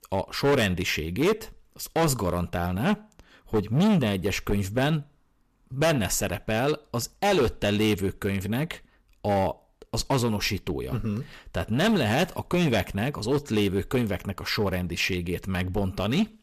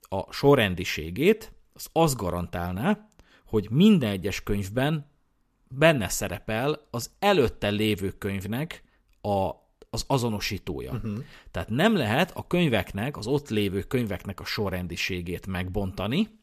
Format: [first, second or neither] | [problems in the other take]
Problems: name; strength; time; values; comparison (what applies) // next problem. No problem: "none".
second | distortion; heavy; 7% of the sound clipped